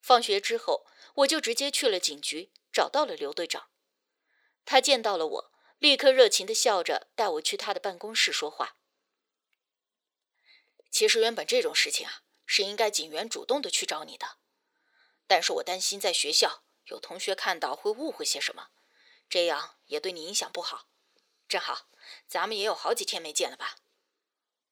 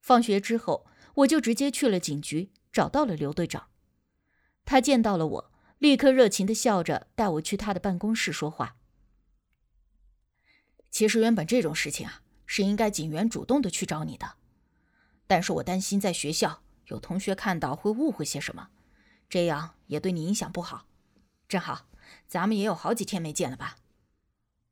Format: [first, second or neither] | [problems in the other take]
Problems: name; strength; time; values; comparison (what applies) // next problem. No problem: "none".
second | thin; very; fading below 450 Hz